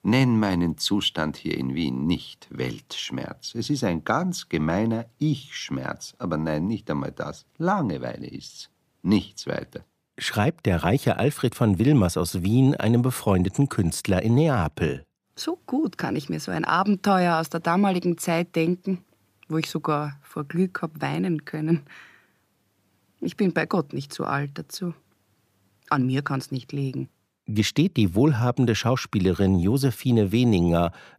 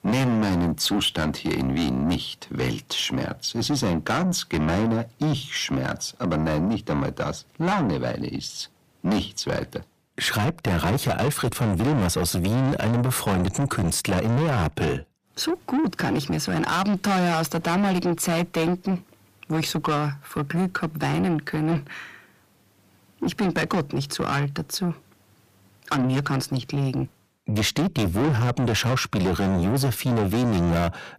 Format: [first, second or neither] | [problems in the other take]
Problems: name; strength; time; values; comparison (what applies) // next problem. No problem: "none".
first | distortion; heavy; 5 dB below the speech